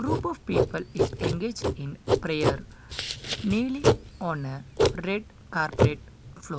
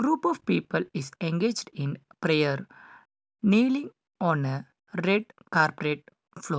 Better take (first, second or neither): second